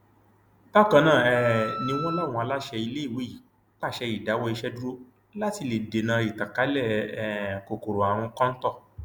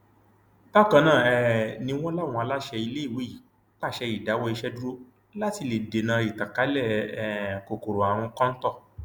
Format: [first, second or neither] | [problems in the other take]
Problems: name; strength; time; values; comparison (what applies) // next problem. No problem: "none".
second | background sound (Wind instrument, woodwind instrument); 7 dB below the speech